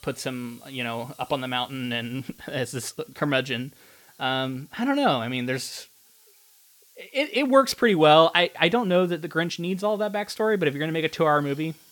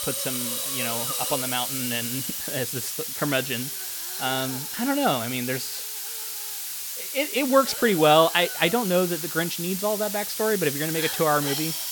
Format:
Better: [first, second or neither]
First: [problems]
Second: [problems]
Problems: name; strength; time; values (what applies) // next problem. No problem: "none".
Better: first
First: hiss; faint; throughout; 30 dB below the speech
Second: hiss; loud; throughout; 3 dB below the speech